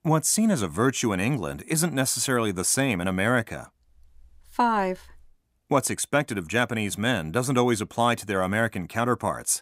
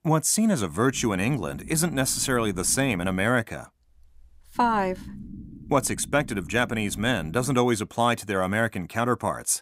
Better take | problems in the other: first | low rumble; faint; from 1 to 3.5 s and from 4.5 to 7.5 s; 25 dB below the speech

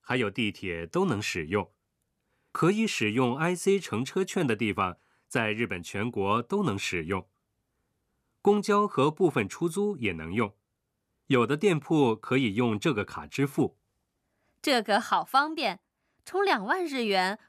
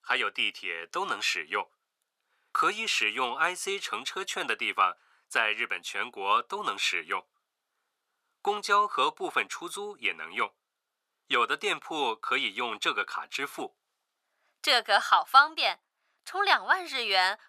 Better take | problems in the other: first | thin; very; fading below 750 Hz

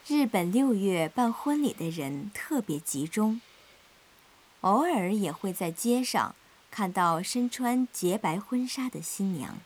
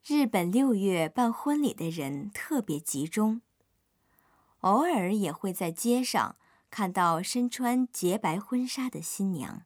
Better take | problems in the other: second | hiss; faint; throughout; 25 dB below the speech

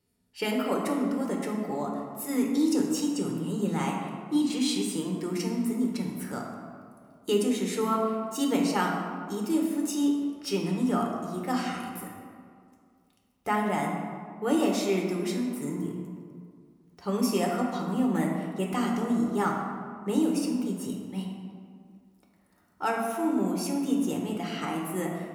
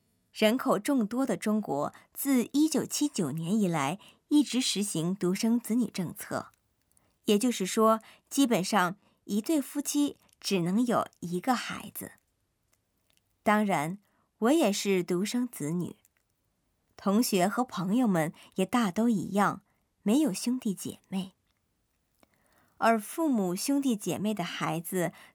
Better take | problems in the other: second | room echo; noticeable; dies away in 1.5 s // off-mic speech; somewhat distant

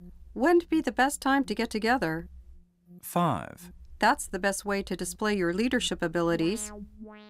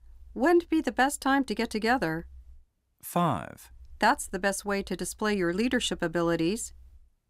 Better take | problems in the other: second | alarms or sirens; faint; throughout; 25 dB below the speech

